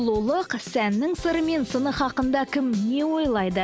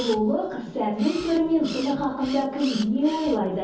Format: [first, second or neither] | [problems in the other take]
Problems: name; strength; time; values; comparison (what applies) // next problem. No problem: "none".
first | background sound (Camera); 17 dB below the speech // room echo; dies away in 0.6 s